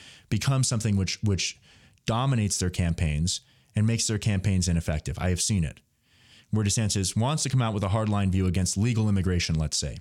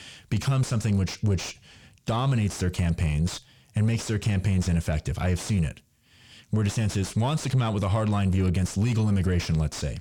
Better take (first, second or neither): first